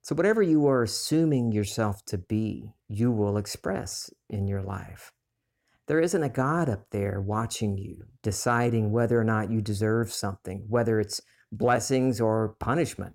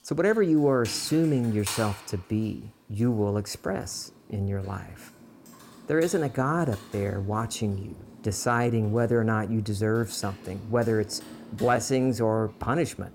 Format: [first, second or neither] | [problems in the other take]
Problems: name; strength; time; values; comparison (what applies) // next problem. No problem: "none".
first | household noises; noticeable; throughout; 15 dB below the speech